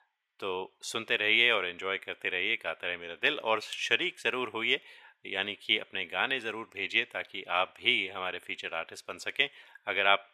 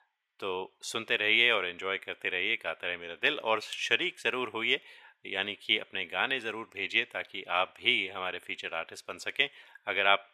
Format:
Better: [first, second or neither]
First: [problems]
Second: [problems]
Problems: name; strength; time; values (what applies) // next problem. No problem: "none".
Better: neither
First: thin; very; fading below 550 Hz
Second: thin; very; fading below 550 Hz